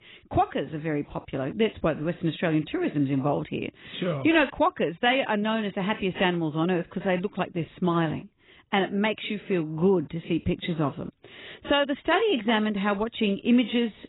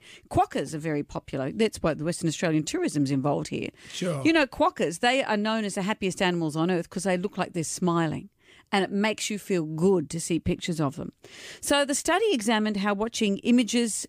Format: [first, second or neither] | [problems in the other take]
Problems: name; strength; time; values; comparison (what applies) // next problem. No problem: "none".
second | garbled, watery; badly; nothing above 4 kHz